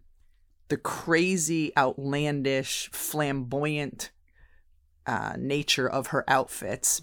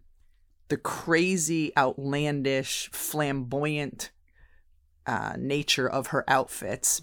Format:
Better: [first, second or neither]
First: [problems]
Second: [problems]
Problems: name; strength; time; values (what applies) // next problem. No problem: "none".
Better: neither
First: none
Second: none